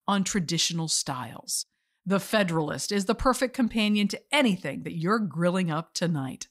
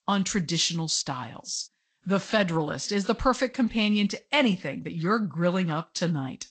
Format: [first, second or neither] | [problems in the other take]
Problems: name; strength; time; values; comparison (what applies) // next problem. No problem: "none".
first | garbled, watery; slightly; nothing above 8 kHz